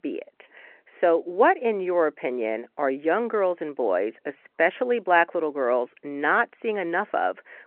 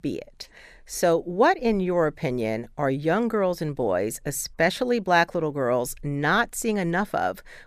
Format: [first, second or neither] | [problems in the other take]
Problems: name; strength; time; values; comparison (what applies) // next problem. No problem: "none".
second | phone-call audio